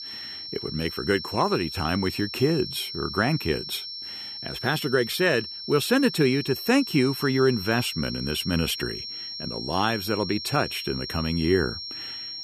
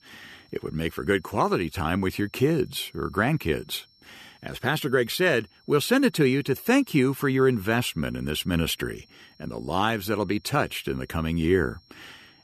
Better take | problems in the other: second | high-pitched whine; loud; throughout; 5.5 kHz, 8 dB below the speech; faint in the second

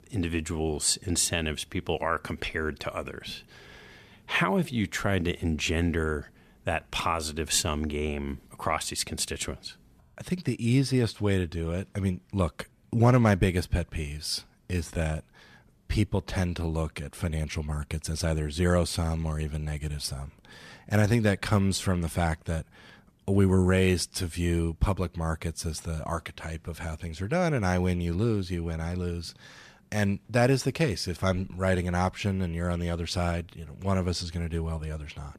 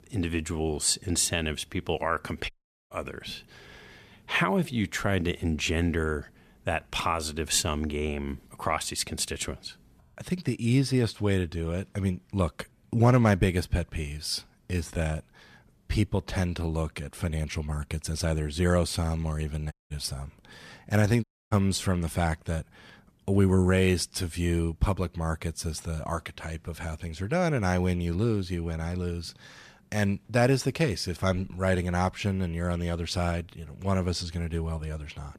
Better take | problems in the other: first | audio cutting out; at 2.5 s, at 20 s and at 21 s

